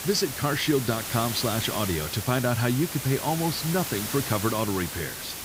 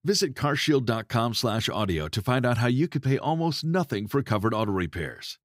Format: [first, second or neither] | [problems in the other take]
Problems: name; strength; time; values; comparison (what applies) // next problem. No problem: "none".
second | hiss; loud; throughout; 5 dB below the speech